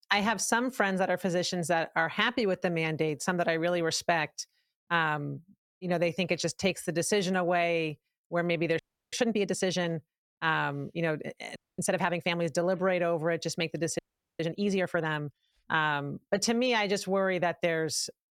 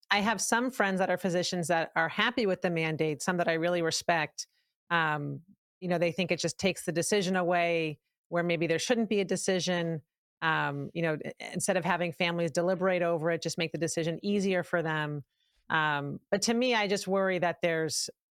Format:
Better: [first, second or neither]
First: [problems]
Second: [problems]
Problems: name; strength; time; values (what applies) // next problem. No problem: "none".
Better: second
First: audio freezing; at 9 s, at 12 s and at 14 s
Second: none